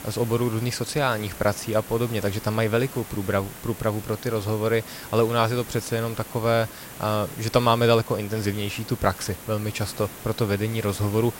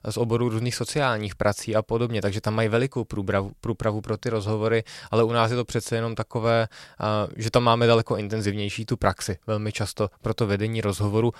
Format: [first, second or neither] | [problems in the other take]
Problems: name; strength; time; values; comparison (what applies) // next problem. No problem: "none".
second | hiss; noticeable; throughout; 15 dB below the speech